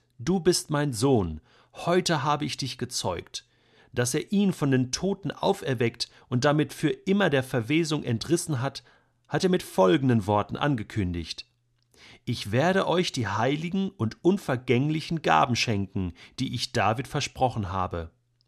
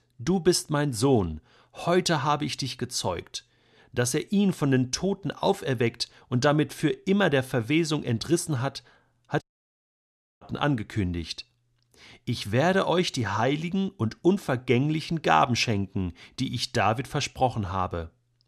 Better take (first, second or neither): first